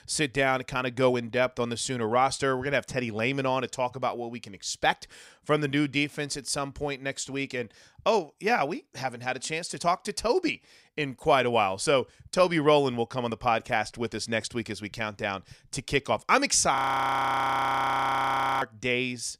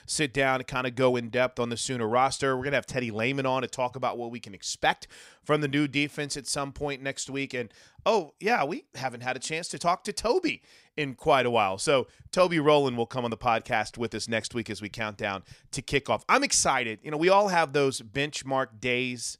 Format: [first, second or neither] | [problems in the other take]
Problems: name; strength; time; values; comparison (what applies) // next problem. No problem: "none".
second | audio freezing; at 17 s for 2 s